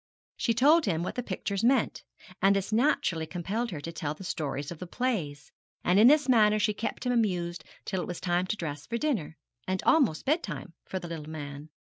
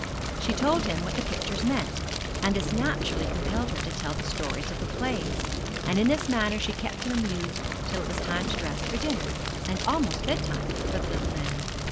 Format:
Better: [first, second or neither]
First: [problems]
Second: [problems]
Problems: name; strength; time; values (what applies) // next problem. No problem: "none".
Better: first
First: none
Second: background sound (Fire); 1 dB above the speech